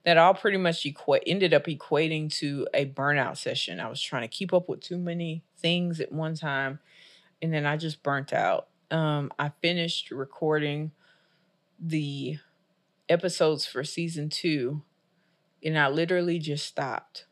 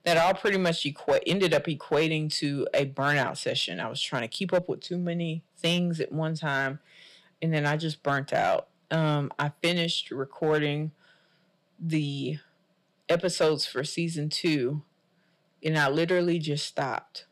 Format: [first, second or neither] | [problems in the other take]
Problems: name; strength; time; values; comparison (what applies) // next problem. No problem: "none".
first | distortion; slight; 4% of the sound clipped